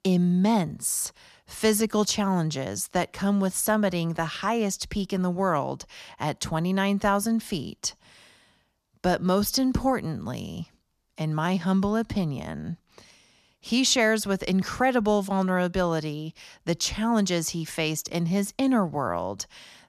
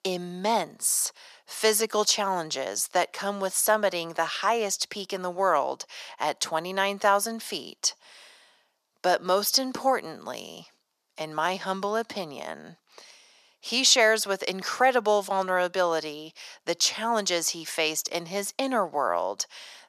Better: first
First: none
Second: thin; very; fading below 550 Hz

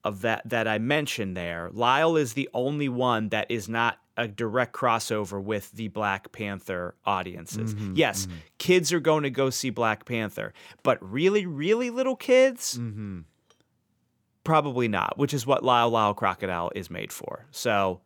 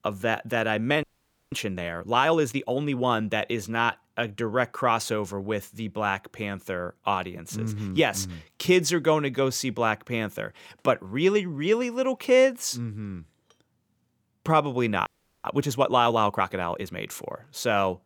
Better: first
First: none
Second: audio freezing; at 1 s and at 15 s

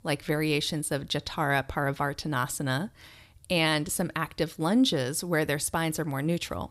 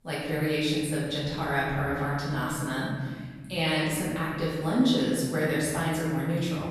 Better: first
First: none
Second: off-mic speech; far // room echo; strong; dies away in 1.6 s

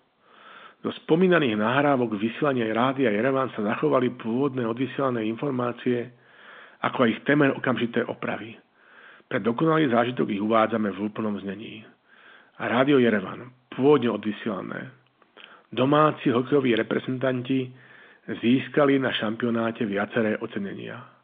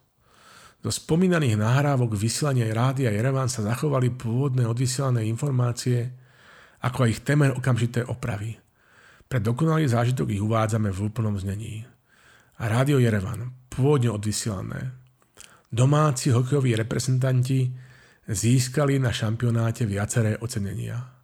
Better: second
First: phone-call audio; nothing above 3.5 kHz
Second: none

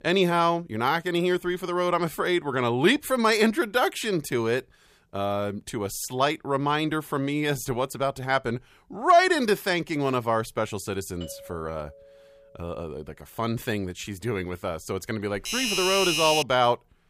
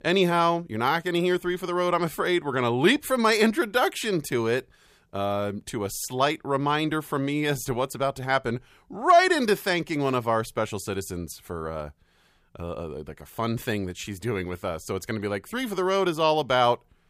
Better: second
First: doorbell; faint; from 11 to 13 s; peak 20 dB below the speech // doorbell; loud; from 15 to 16 s; peak 2 dB above the speech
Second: none

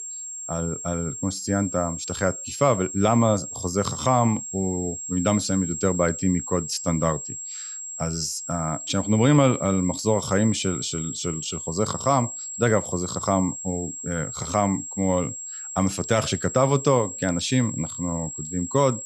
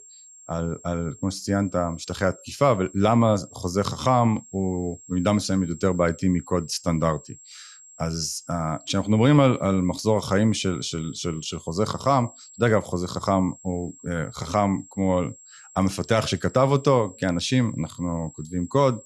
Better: second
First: high-pitched whine; loud; throughout; 7.5 kHz, 7 dB below the speech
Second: high-pitched whine; faint; throughout; 7.5 kHz, 20 dB below the speech

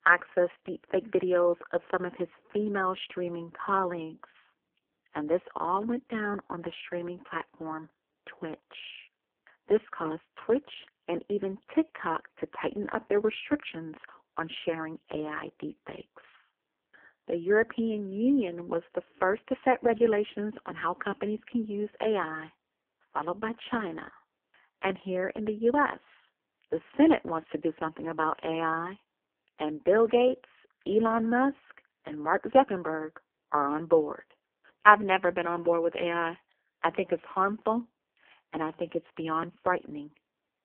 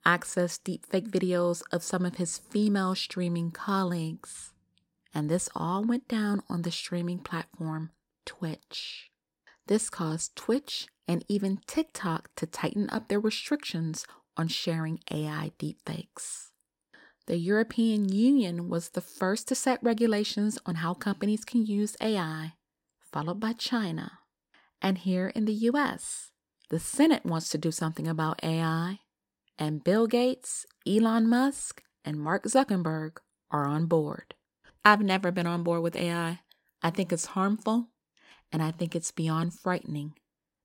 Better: second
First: phone-call audio; poor line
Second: none

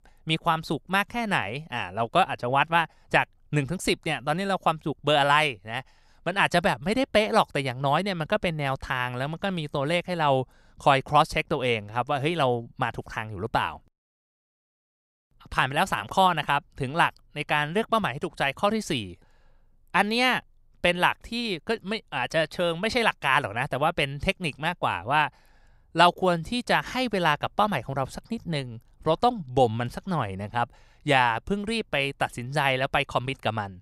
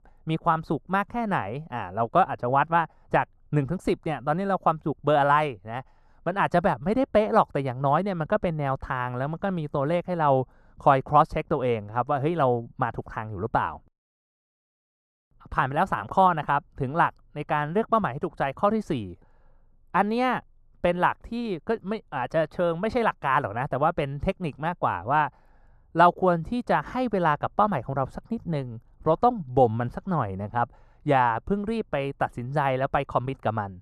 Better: first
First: none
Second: muffled; very; fading above 1.5 kHz

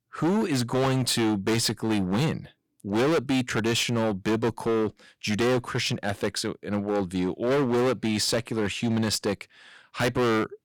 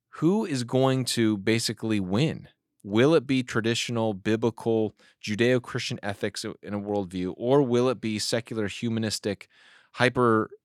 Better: second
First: distortion; heavy; 18% of the sound clipped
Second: none

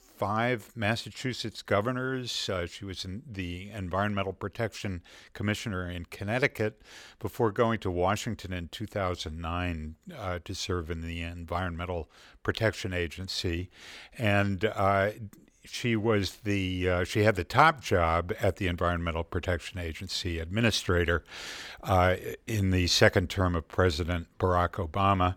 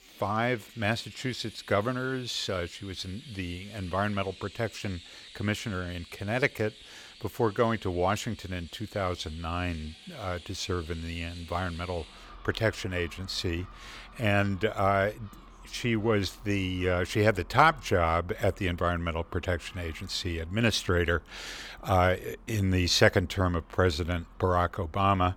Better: first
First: none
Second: animal sounds; faint; throughout; 20 dB below the speech

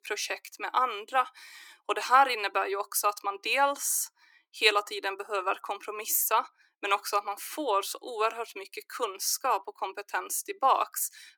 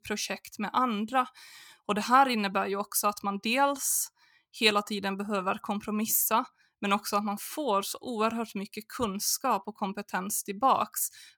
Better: second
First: thin; very; fading below 300 Hz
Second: none

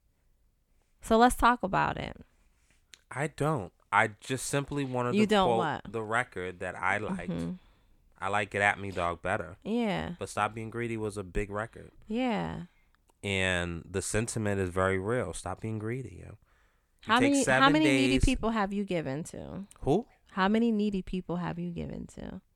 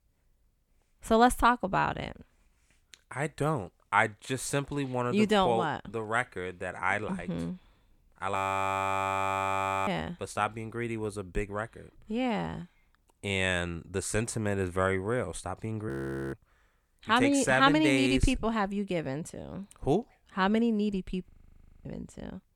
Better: first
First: none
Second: audio freezing; at 8.5 s for 1.5 s, at 16 s and at 21 s for 0.5 s

